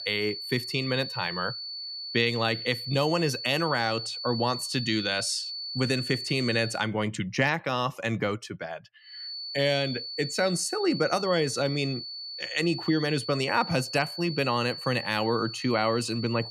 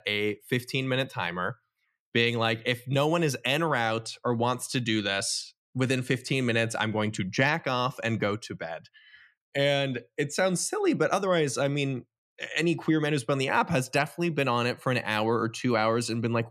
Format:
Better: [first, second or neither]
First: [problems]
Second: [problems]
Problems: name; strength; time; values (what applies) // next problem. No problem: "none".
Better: second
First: high-pitched whine; loud; until 7 s and from 9 s on; 4.5 kHz, 7 dB below the speech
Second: none